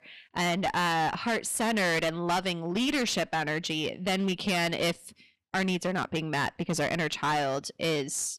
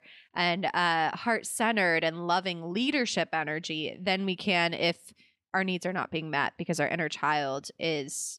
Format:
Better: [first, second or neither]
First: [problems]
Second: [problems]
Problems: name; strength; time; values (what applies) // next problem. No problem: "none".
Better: second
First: distortion; heavy; 16% of the sound clipped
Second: none